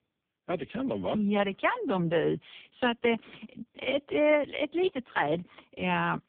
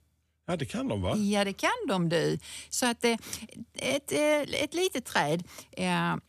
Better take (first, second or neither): second